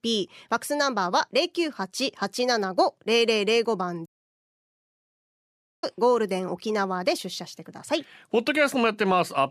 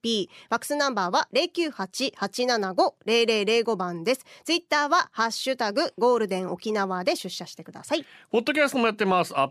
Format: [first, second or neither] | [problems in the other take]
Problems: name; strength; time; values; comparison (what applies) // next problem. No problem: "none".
second | audio cutting out; at 4 s for 2 s